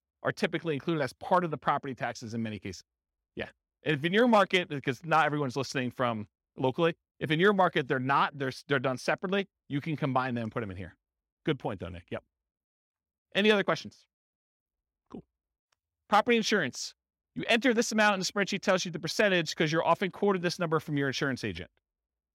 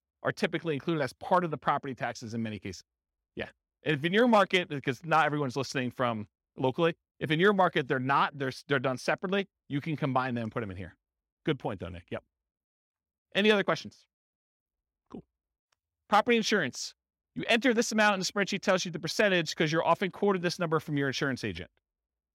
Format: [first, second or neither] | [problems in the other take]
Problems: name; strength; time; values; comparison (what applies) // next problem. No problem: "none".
neither | none